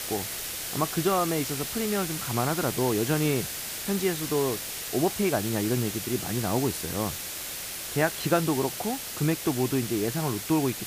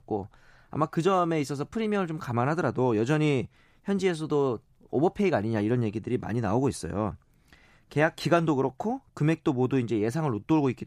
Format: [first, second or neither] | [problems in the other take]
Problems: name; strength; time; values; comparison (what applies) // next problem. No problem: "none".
second | hiss; loud; throughout; 4 dB below the speech